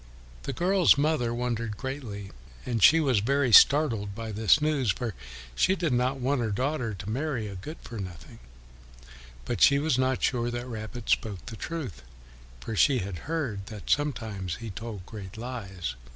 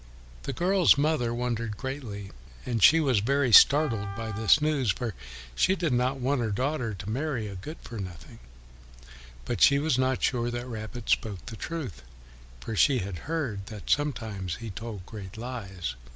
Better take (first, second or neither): first